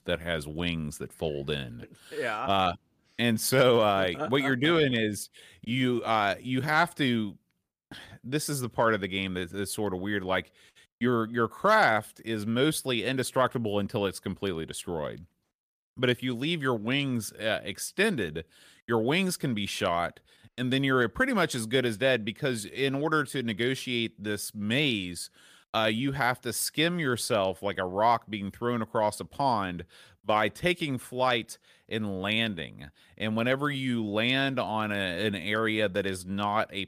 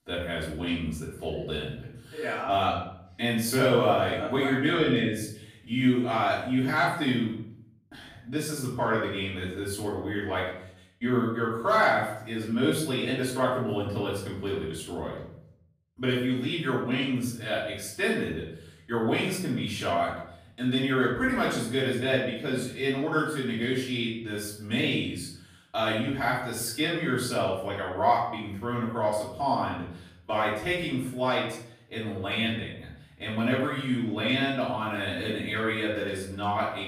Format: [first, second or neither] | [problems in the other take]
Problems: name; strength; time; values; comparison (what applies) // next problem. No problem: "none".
first | room echo; noticeable; dies away in 0.6 s // off-mic speech; far